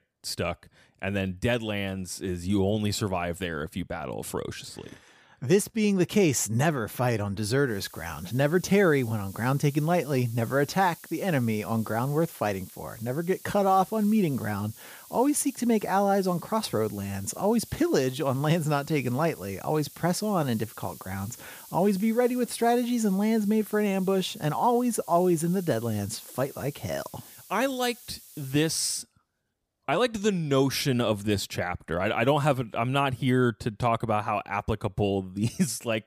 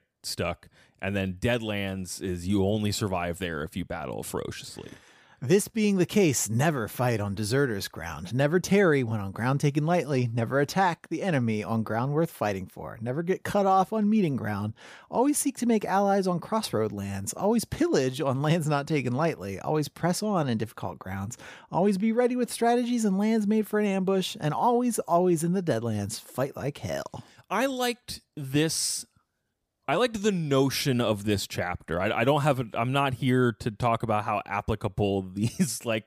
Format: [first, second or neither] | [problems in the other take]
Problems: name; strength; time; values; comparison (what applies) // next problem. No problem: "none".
second | hiss; noticeable; from 7.5 to 29 s; 20 dB below the speech